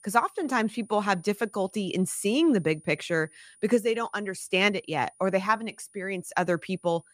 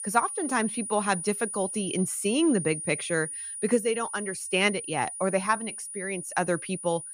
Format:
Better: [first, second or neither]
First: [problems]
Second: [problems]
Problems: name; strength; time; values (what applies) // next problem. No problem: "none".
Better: first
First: high-pitched whine; faint; throughout; 9.5 kHz, 25 dB below the speech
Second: high-pitched whine; loud; throughout; 9.5 kHz, 6 dB below the speech